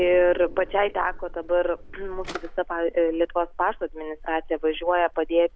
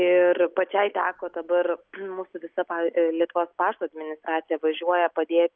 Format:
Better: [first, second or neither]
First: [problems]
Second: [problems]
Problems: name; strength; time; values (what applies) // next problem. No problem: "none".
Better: second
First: background sound (Drawer open or close); 14 dB below the speech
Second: none